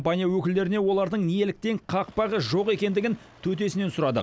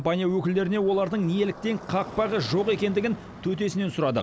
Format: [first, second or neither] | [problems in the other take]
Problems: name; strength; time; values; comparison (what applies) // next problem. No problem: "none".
first | background sound (Motorcycle); 17 dB below the speech